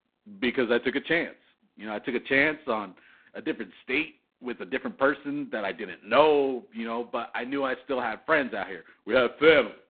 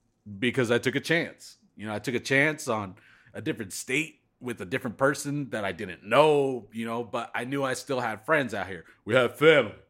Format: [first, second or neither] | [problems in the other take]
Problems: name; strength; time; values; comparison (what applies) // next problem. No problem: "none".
second | phone-call audio; poor line; nothing above 3.5 kHz